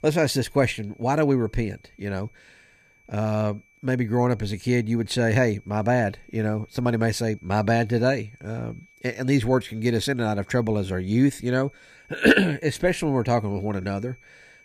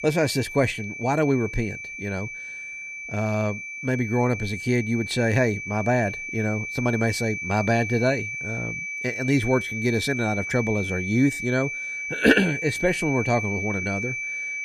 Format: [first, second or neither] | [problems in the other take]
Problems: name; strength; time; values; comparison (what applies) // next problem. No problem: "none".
first | high-pitched whine; loud; throughout; 2.5 kHz, 5 dB below the speech; faint in the first